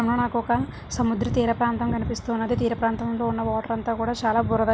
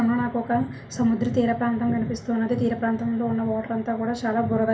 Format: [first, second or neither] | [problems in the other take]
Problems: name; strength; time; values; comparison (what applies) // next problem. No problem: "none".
first | room echo; dies away in 0.3 s